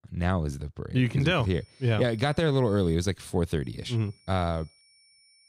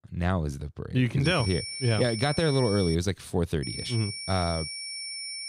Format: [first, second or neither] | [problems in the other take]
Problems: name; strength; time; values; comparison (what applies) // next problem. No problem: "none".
first | high-pitched whine; loud; from 1 to 3 s and from 3.5 s on; 5.5 kHz, 7 dB below the speech; faint in the first